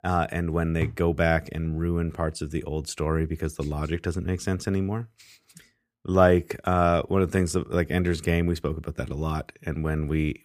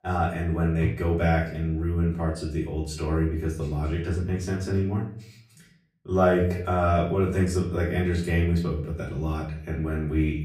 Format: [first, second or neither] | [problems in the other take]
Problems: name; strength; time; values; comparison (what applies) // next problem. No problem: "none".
first | off-mic speech; far // room echo; slight; dies away in 0.5 s